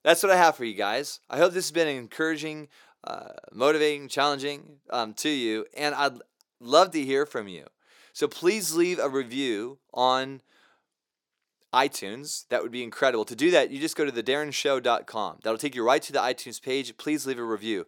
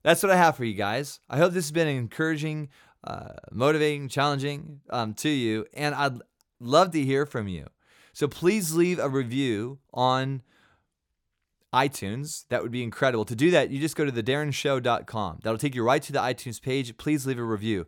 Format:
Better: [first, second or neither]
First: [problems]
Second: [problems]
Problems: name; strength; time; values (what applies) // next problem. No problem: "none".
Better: second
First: thin; very slightly; fading below 350 Hz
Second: none